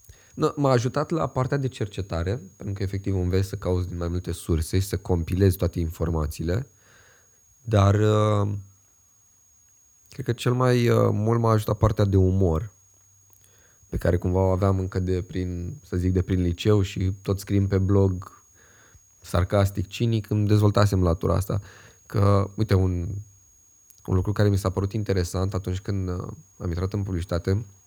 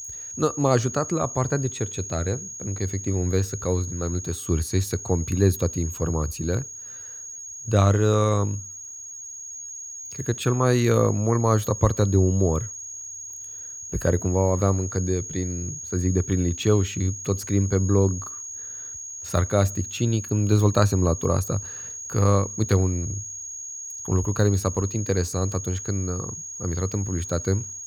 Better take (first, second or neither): first